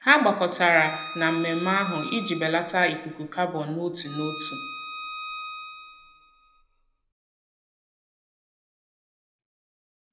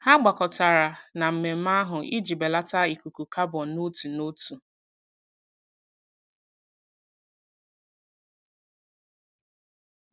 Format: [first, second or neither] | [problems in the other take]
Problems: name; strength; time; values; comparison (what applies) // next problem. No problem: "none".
second | background sound (Bowed string instrument); 11 dB below the speech // room echo; dies away in 0.7 s